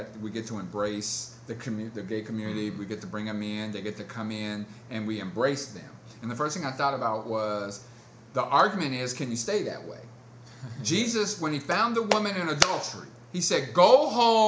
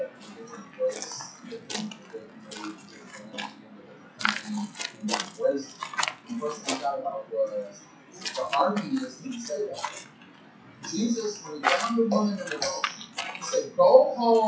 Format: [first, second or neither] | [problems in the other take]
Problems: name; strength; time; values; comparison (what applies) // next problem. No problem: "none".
first | noise reduction (classical method WPE with log-MMSE)